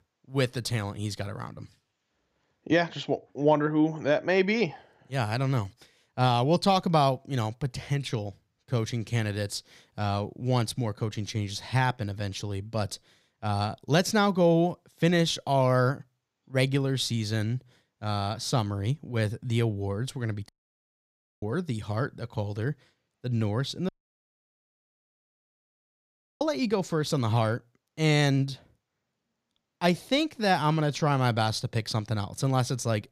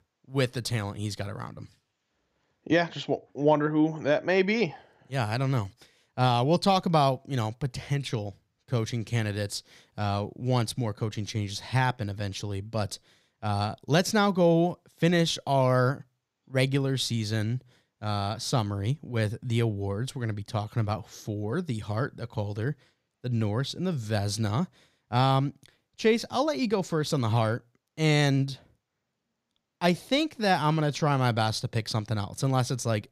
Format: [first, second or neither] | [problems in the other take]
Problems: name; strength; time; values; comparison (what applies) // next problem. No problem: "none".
second | audio cutting out; at 20 s for 1 s and at 24 s for 2.5 s